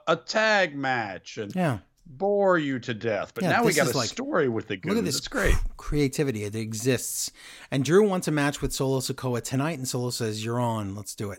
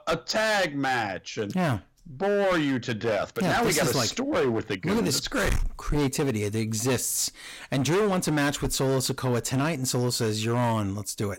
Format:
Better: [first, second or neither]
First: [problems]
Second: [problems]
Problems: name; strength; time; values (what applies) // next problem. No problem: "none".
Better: first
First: none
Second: distortion; heavy; 17% of the sound clipped